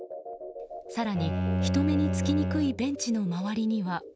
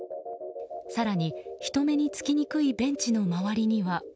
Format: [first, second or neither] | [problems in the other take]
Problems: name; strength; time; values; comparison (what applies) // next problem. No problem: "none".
second | background sound (Bowed string instrument); as loud as the speech